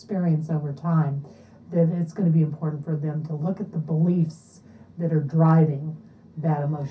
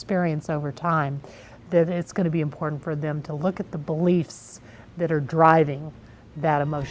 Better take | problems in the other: second | room echo; dies away in 0.3 s

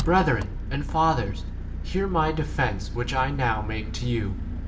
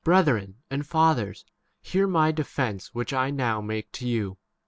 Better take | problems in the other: second | background sound (Engine); 4 dB below the speech // room echo; dies away in 0.7 s

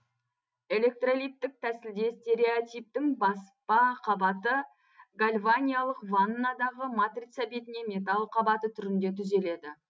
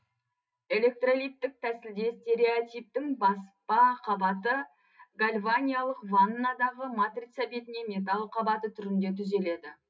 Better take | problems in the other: first | room echo; dies away in 0.2 s

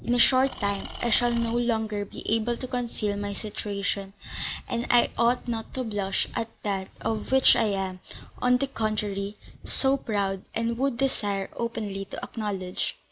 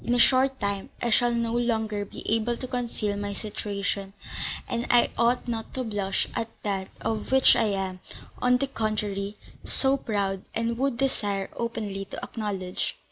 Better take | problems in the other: second | background sound (Engine / Tools); 11 dB below the speech

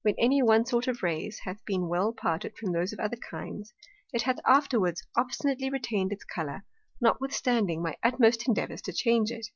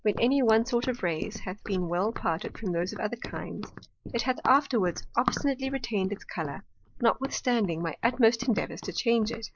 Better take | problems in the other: first | noise reduction (neural mask model Resemble Enhance denoiser)

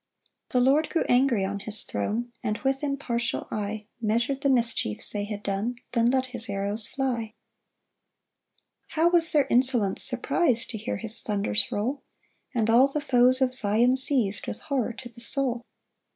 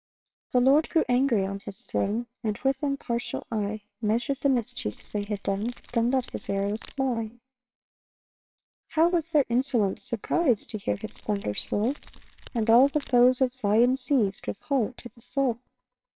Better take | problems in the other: first | noise reduction (neural separator model SepFormer WHAMR!)

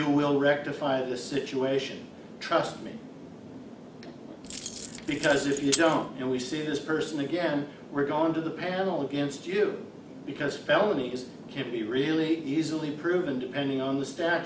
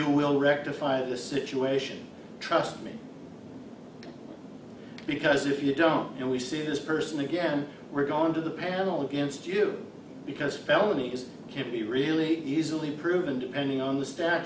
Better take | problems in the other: second | background sound (Keys jangling); 8 dB below the speech

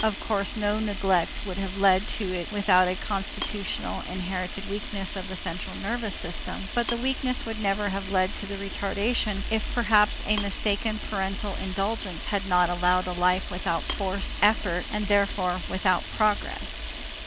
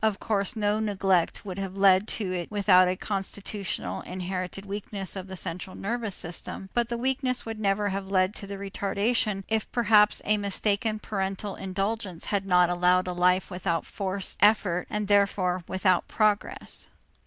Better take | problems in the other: second | background sound (Camera); 6 dB below the speech

